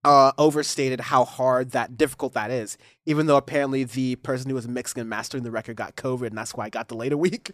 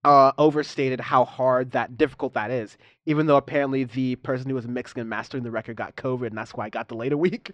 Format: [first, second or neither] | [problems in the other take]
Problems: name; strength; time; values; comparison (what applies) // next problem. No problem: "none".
first | muffled; slightly; fading above 3.5 kHz